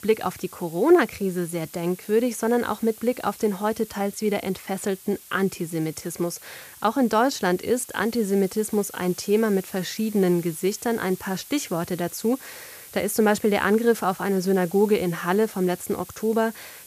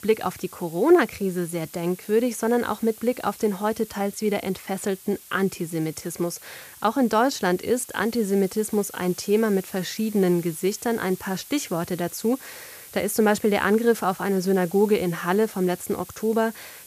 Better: neither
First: hiss; noticeable; throughout; 20 dB below the speech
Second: hiss; noticeable; throughout; 20 dB below the speech

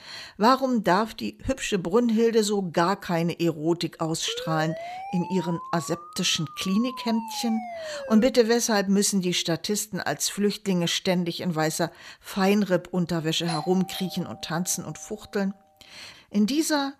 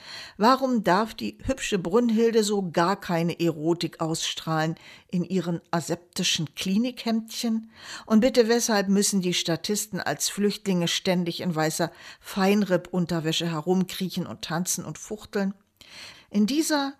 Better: second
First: siren; faint; from 4.5 to 8.5 s; peak 10 dB below the speech // doorbell; noticeable; at 13 s; peak 9 dB below the speech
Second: none

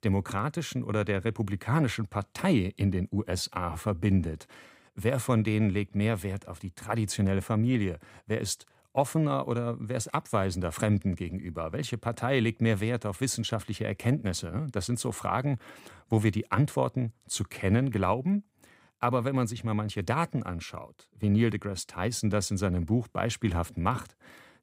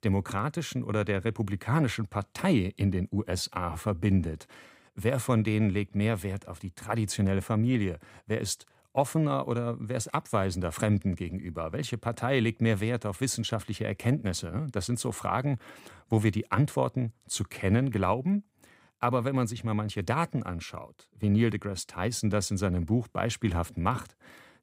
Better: neither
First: none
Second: none

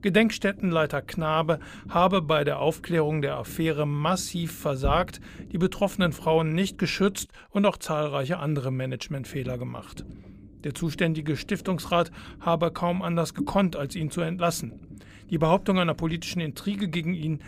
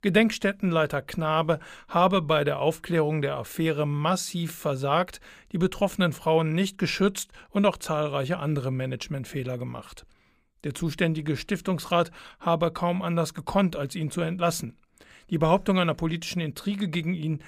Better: second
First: low rumble; faint; until 7.5 s and from 9 s on; 25 dB below the speech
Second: none

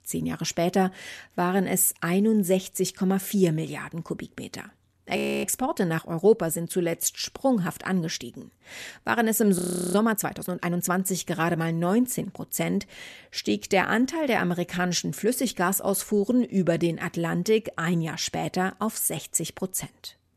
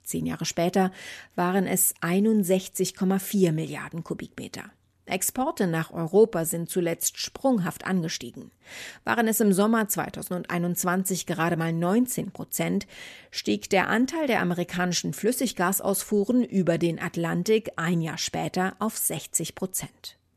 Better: second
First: audio freezing; at 5 s and at 9.5 s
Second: none

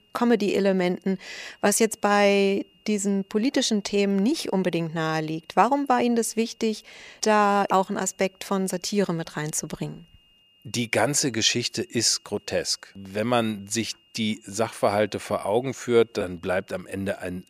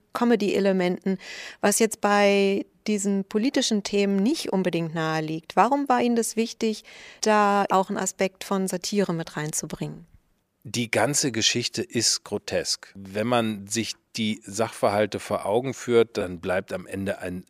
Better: second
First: high-pitched whine; faint; throughout; 3 kHz, 35 dB below the speech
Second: none

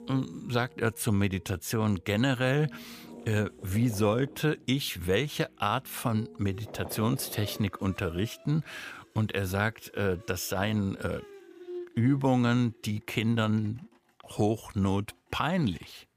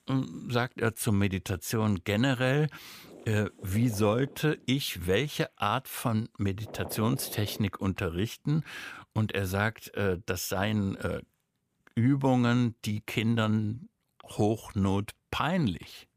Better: second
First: background music; faint; throughout; 20 dB below the speech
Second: none

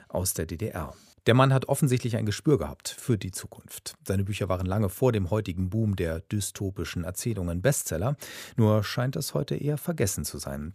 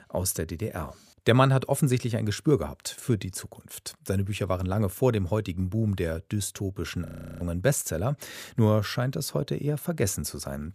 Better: first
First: none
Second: audio freezing; at 7 s

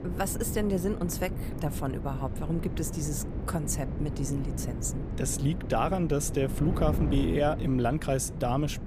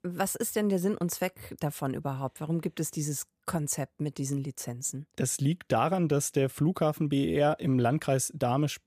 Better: second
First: wind noise on the microphone; occasional gusts; 10 dB below the speech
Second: none

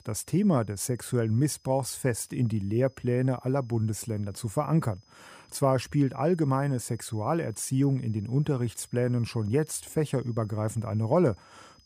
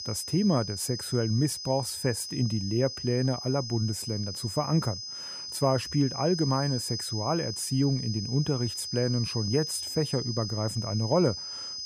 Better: first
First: high-pitched whine; faint; throughout; 5 kHz, 30 dB below the speech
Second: high-pitched whine; loud; throughout; 5 kHz, 6 dB below the speech

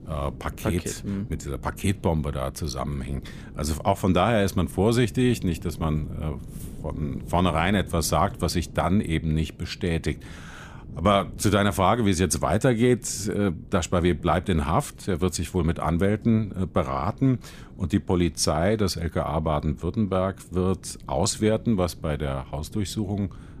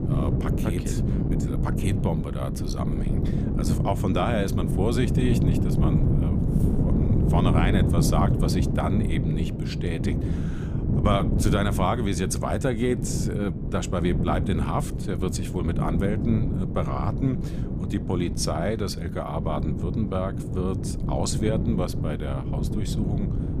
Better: first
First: wind noise on the microphone; occasional gusts; 25 dB below the speech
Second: wind noise on the microphone; heavy; 4 dB below the speech

